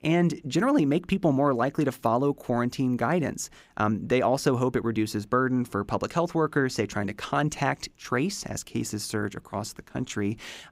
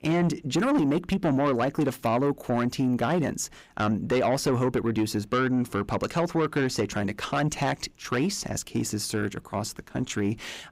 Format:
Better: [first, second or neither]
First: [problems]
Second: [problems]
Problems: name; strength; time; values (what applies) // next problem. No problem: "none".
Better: first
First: none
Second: distortion; slight; 10 dB below the speech